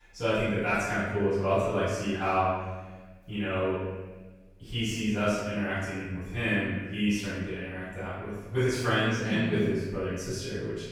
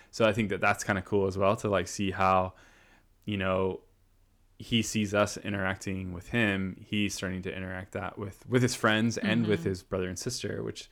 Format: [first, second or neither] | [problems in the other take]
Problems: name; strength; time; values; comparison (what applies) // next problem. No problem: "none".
second | off-mic speech; far // room echo; strong; dies away in 1.2 s